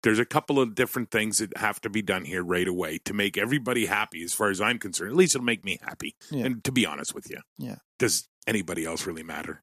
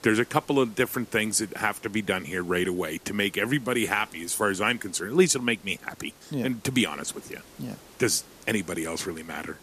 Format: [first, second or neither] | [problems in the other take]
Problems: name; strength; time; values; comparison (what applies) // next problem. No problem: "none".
first | hiss; faint; throughout; 25 dB below the speech